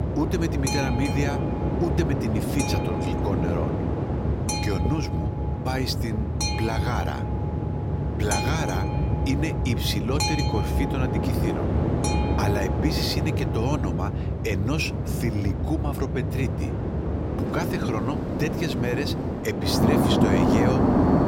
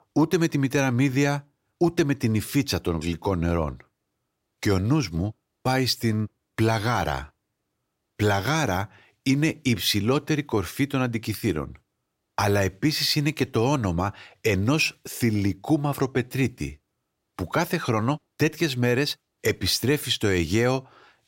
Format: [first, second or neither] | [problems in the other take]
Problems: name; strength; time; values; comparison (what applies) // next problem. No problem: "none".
second | train or aircraft noise; very loud; throughout; 4 dB above the speech